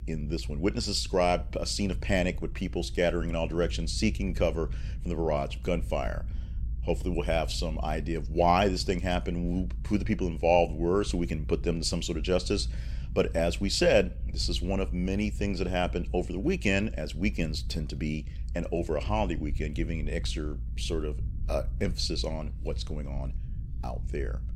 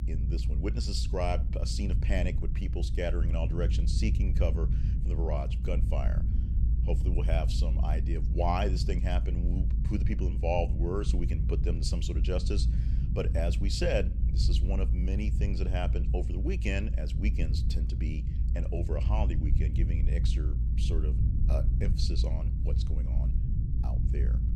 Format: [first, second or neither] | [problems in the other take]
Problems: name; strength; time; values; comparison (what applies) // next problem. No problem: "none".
first | low rumble; loud; throughout; 9 dB below the speech; faint in the first